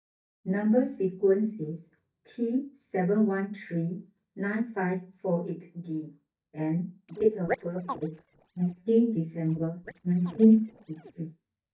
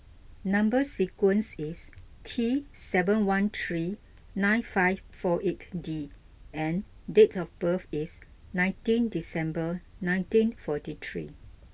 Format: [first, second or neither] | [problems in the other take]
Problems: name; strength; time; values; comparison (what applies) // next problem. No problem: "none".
second | noise reduction (neural mask model DeepFilterNet 3)